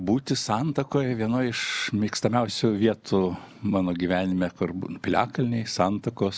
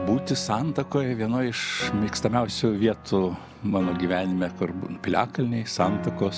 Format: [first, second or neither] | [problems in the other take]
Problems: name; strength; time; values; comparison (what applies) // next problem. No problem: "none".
first | background sound (Piano); 11 dB below the speech